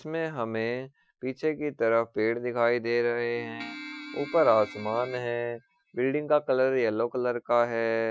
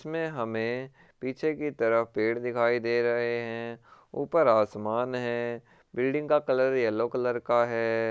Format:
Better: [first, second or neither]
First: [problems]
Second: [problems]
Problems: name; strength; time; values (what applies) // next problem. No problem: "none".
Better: second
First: noise reduction (classical method Wiener filter)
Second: none